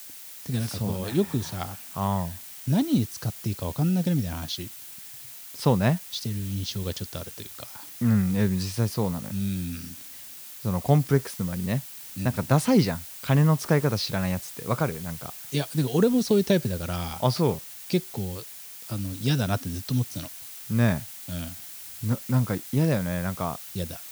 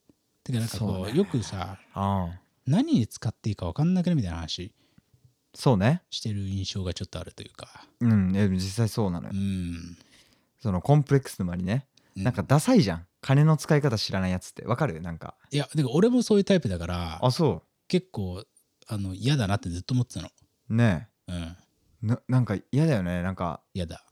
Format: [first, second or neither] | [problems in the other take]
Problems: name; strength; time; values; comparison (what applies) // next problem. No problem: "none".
second | hiss; noticeable; throughout; 10 dB below the speech